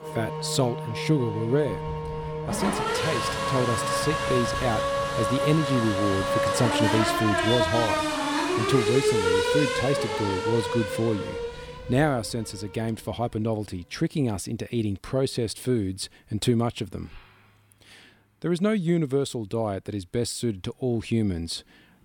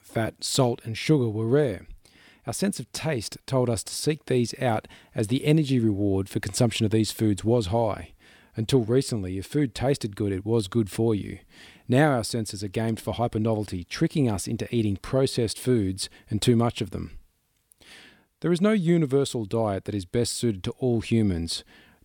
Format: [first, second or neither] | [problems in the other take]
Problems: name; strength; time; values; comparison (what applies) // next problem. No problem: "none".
second | traffic noise; very loud; throughout; 1 dB above the speech